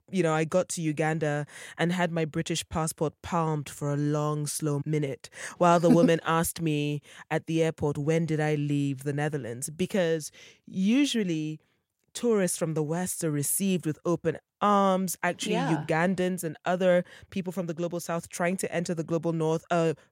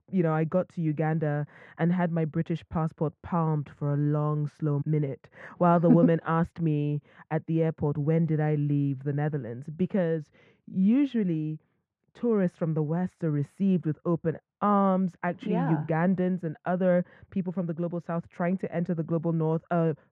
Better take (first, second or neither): first